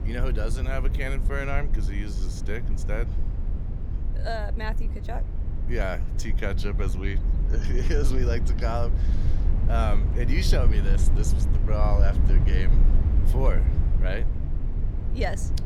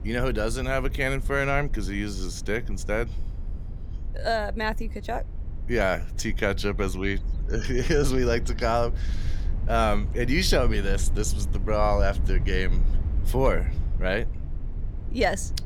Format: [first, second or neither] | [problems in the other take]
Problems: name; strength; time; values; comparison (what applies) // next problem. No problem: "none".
second | low rumble; loud; throughout; 8 dB below the speech; faint in the second